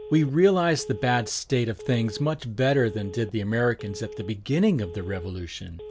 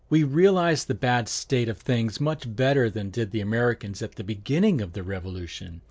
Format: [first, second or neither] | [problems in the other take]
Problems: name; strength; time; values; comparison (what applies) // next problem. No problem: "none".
second | background sound (Telephone); 17 dB below the speech